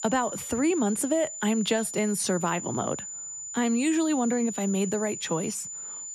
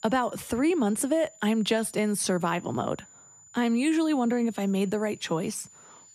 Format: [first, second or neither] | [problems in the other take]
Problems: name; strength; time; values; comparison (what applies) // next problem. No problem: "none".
second | high-pitched whine; loud; throughout; 7 kHz, 7 dB below the speech; faint in the second